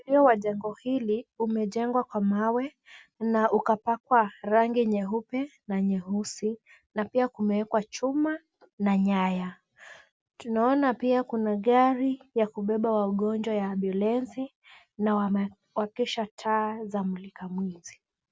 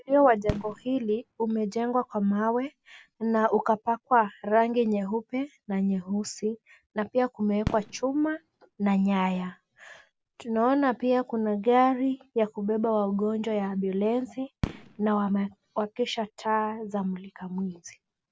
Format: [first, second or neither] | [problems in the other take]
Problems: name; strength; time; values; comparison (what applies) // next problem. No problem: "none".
first | background sound (Fireworks); 16 dB below the speech